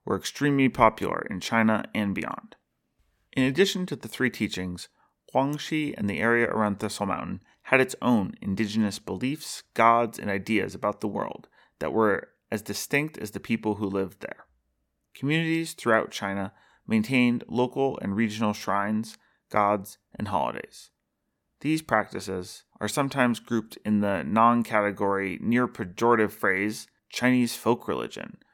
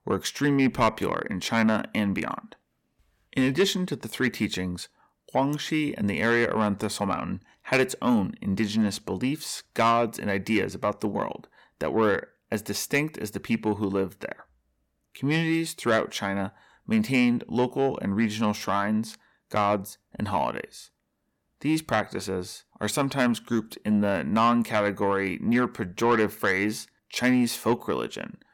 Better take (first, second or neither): first